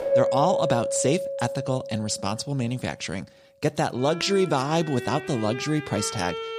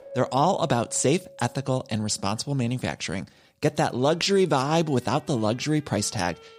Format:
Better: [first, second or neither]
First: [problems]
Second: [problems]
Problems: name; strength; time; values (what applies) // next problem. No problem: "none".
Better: second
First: background music; loud; throughout; 4 dB below the speech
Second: background music; faint; throughout; 25 dB below the speech